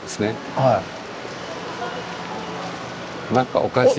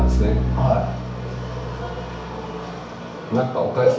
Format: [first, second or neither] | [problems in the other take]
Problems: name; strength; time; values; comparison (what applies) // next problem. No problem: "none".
first | background sound (Bowed string instrument); 1 dB below the speech // room echo; dies away in 0.6 s